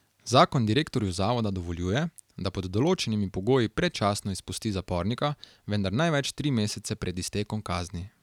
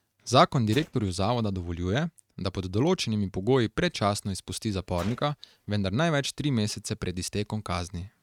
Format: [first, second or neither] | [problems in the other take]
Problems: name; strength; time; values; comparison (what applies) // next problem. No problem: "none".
first | noise reduction (neural mask model RNNoise)